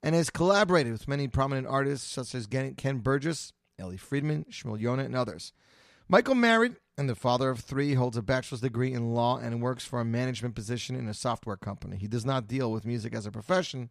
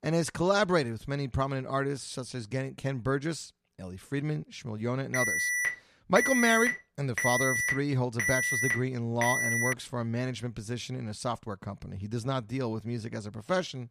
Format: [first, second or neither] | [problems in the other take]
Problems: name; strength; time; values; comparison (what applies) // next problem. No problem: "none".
first | alarm; loud; from 5 to 9.5 s; peak 5 dB above the speech